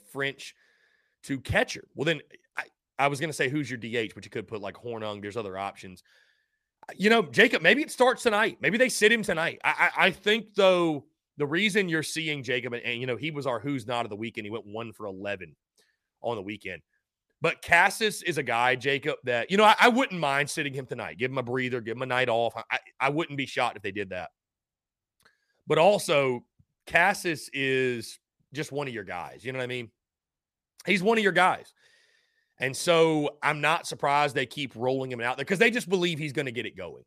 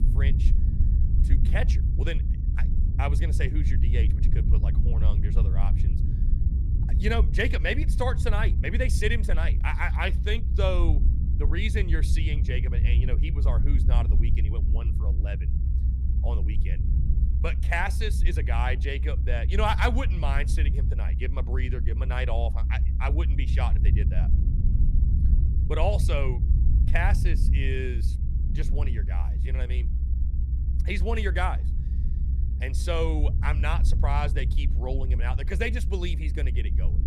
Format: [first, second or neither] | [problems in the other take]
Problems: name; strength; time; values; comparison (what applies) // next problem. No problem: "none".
first | low rumble; noticeable; throughout; 10 dB below the speech